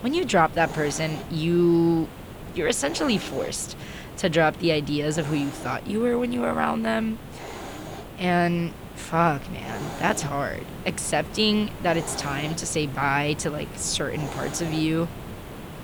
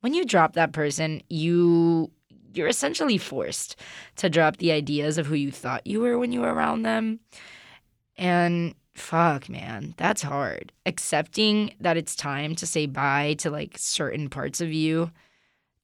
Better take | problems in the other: second | hiss; noticeable; throughout; 15 dB below the speech

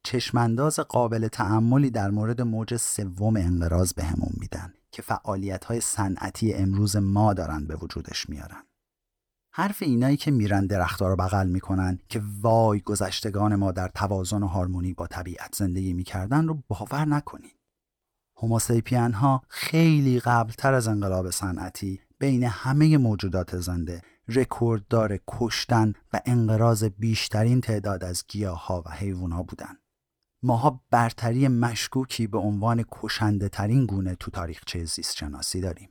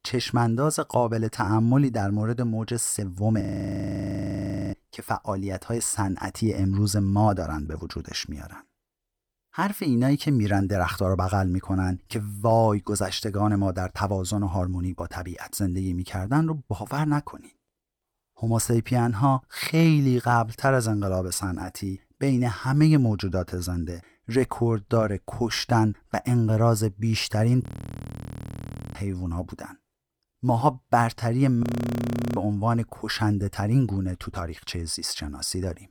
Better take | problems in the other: first | audio freezing; at 3.5 s for 1.5 s, at 28 s for 1.5 s and at 32 s for 0.5 s

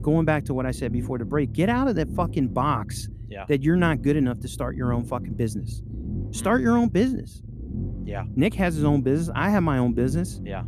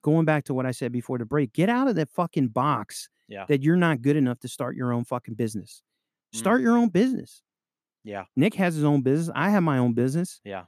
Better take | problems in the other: second | low rumble; noticeable; throughout; 15 dB below the speech

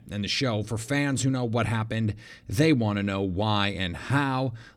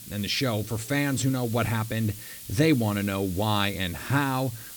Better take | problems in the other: first | hiss; noticeable; throughout; 15 dB below the speech

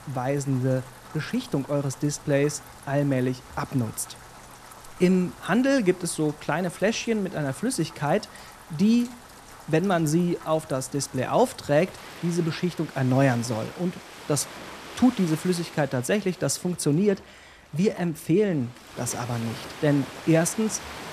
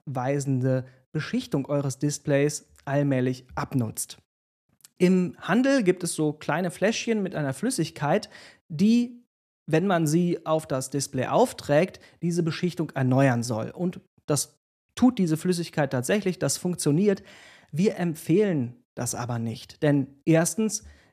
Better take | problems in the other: second | rain or running water; noticeable; throughout; 15 dB below the speech

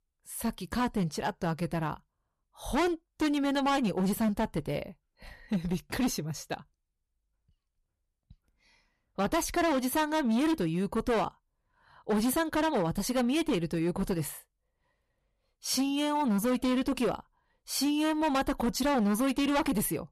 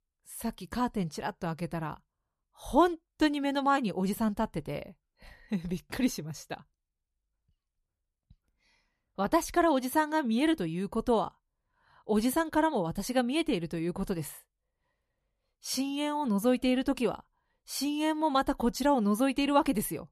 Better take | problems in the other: second | distortion; heavy; 11% of the sound clipped

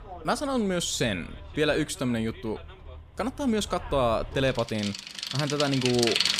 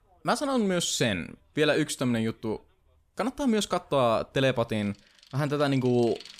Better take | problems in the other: second | traffic noise; loud; throughout; 3 dB below the speech; faint in the second

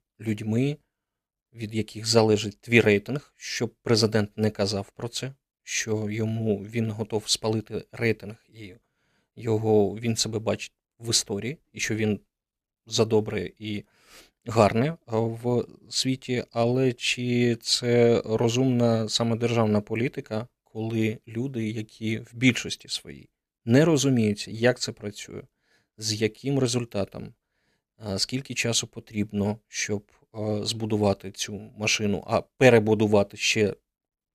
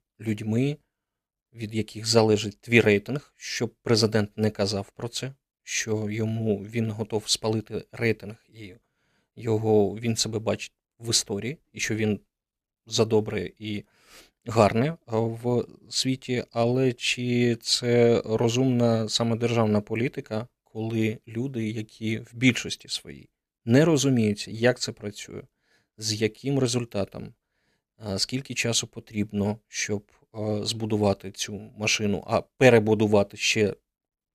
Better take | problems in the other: neither | none

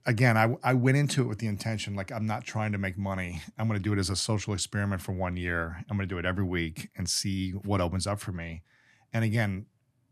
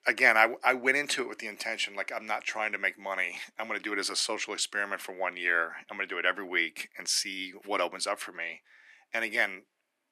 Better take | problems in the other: first | thin; very; fading below 350 Hz

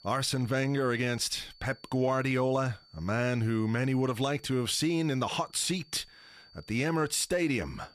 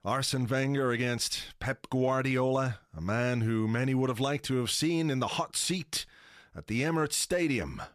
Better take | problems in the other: second | high-pitched whine; faint; throughout; 4.5 kHz, 25 dB below the speech

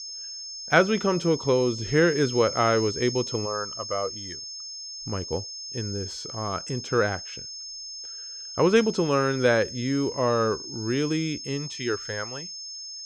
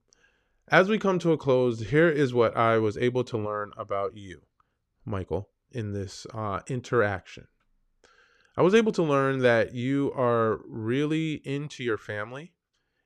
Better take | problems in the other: second | high-pitched whine; loud; throughout; 5.5 kHz, 9 dB below the speech

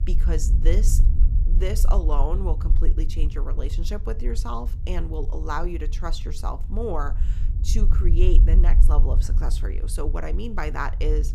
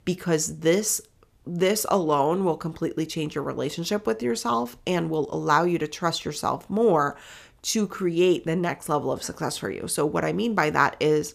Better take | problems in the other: second | low rumble; noticeable; throughout; 10 dB below the speech

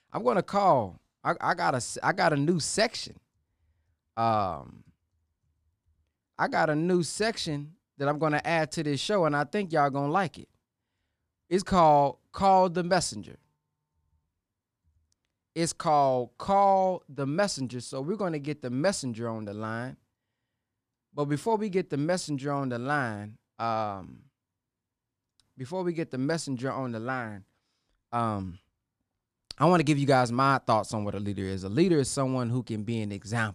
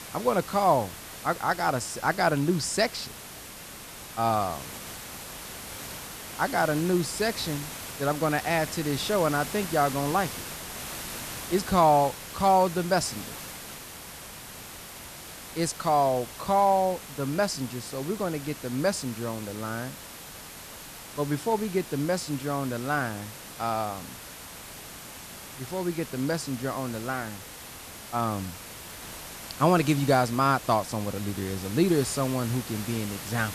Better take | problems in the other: first | hiss; noticeable; throughout; 10 dB below the speech

